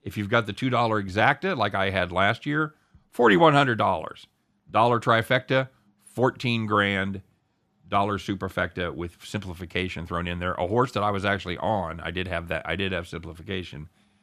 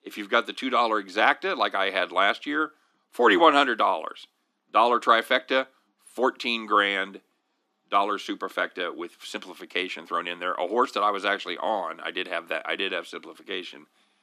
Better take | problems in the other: first | thin; somewhat; fading below 250 Hz

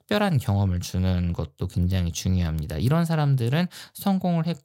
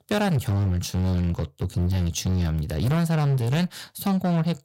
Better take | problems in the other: first | distortion; slight; 21% of the sound clipped

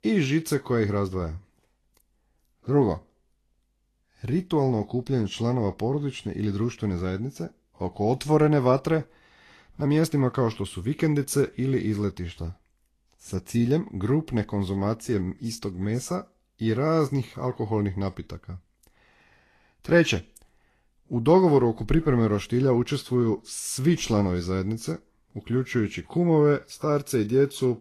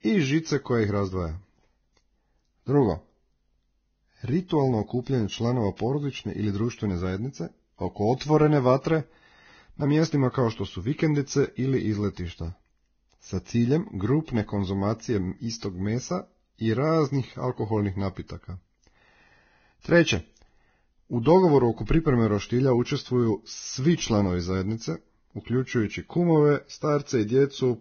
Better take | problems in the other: first | garbled, watery; badly; nothing above 6.5 kHz; slightly in the first

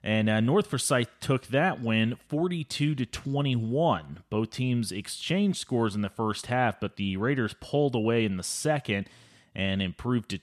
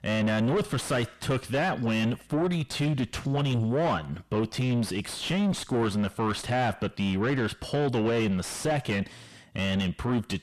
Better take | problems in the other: first | distortion; heavy; 6 dB below the speech

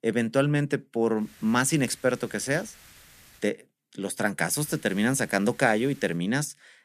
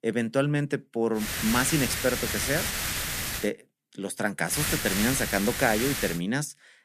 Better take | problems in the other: first | hiss; loud; from 1 to 3.5 s and from 4.5 to 6 s; 1 dB below the speech; faint in the first

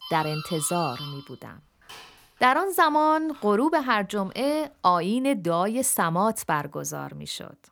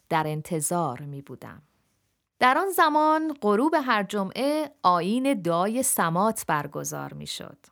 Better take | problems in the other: second | doorbell; faint; until 4.5 s; peak 10 dB below the speech

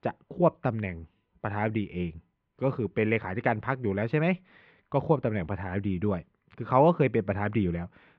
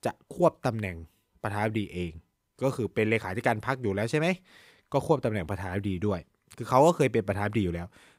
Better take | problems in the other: second | muffled; very; fading above 3 kHz

